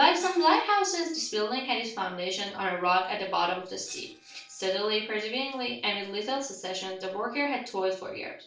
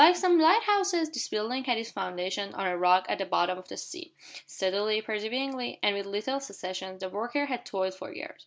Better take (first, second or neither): second